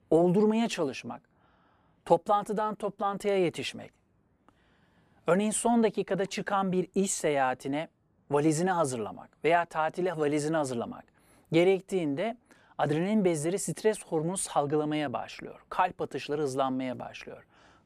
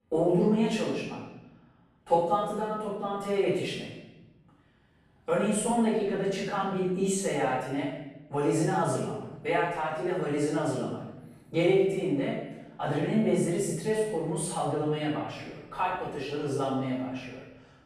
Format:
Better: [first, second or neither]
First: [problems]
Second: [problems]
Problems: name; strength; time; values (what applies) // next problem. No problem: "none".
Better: first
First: none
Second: off-mic speech; far // room echo; strong; dies away in 0.9 s